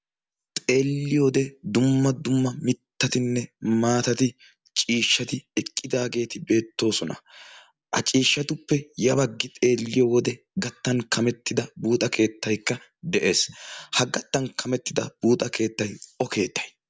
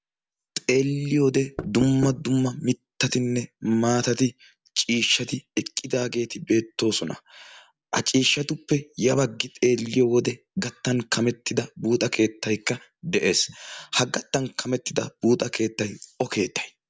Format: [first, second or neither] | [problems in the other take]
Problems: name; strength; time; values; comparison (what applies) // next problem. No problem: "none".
first | background sound (Knock); 8 dB below the speech